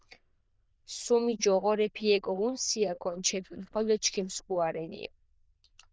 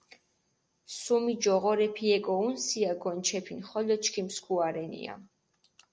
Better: second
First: noise reduction (neural diffusion model UNIVERSE++)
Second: none

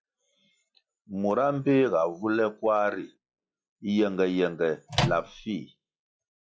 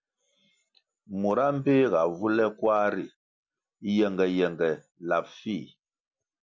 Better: second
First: noise reduction (classical method log-MMSE)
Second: none

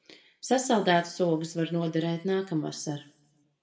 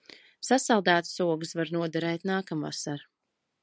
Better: second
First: room echo; dies away in 0.4 s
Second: none

